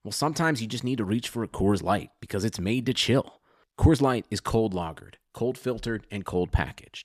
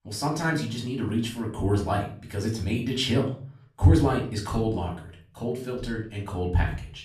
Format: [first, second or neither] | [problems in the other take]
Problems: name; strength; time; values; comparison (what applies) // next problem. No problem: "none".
first | room echo; slight; dies away in 0.4 s // off-mic speech; far